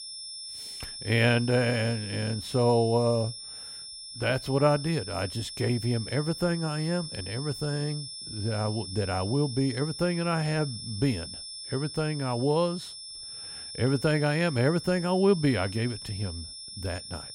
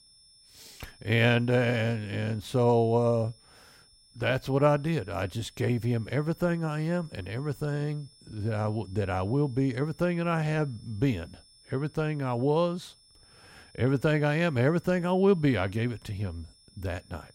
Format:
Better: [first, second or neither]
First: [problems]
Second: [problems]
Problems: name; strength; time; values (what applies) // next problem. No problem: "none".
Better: second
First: high-pitched whine; loud; throughout; 5.5 kHz, 10 dB below the speech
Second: high-pitched whine; faint; throughout; 5.5 kHz, 30 dB below the speech